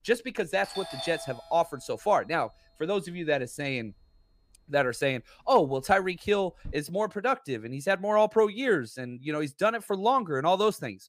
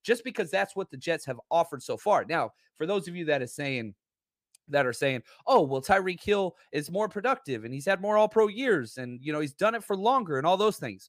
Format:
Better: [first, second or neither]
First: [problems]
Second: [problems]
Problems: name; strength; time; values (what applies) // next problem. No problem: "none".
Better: second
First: doorbell; noticeable; from 0.5 to 7 s; peak 8 dB below the speech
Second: none